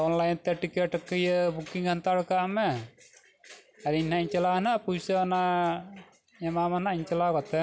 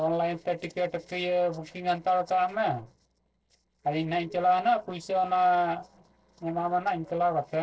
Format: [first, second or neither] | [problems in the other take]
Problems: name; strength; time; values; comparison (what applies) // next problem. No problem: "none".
first | noise reduction (neural separator model SepFormer DNS4)